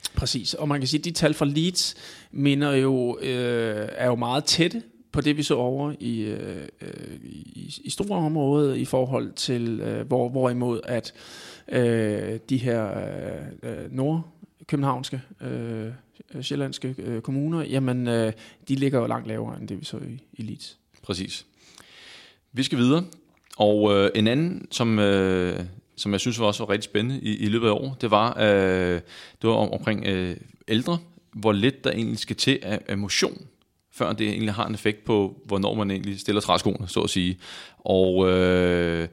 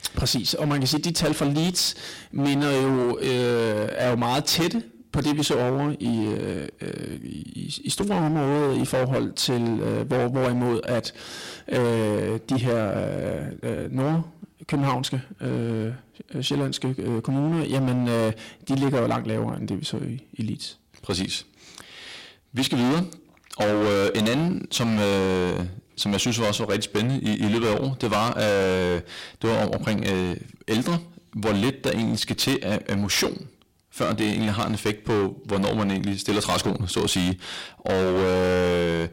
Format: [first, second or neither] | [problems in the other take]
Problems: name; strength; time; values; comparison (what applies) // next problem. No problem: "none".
first | distortion; heavy; 19% of the sound clipped